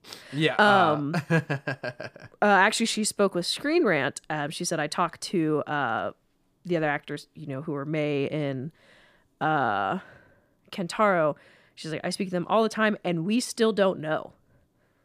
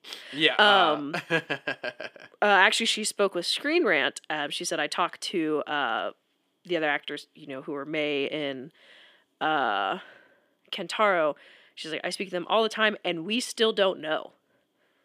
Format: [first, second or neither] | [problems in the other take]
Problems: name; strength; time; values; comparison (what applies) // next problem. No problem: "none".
first | thin; very slightly; fading below 350 Hz